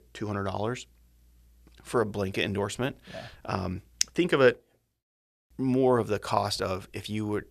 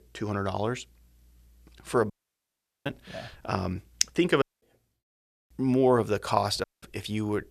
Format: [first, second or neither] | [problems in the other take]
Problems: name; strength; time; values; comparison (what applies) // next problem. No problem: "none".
first | audio cutting out; at 2 s for 1 s, at 4.5 s and at 6.5 s